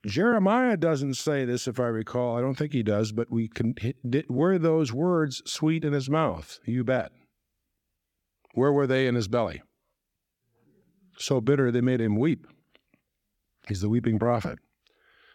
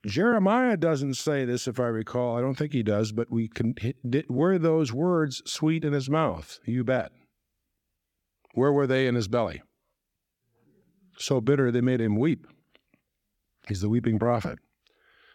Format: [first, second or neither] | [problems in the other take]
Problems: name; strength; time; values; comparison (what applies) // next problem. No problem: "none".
neither | none